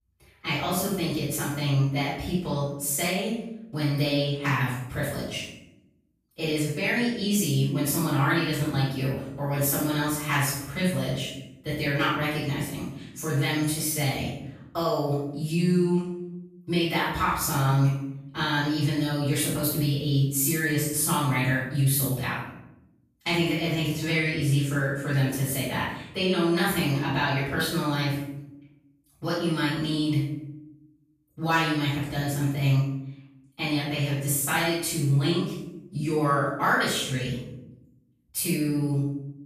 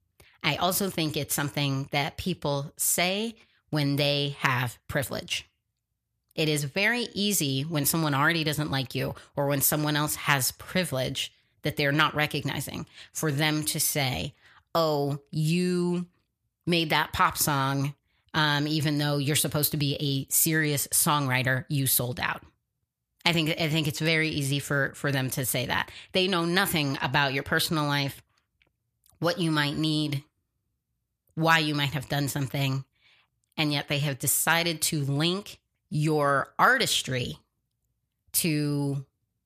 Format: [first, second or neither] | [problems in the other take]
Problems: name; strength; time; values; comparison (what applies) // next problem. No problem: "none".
second | room echo; strong; dies away in 0.8 s // off-mic speech; far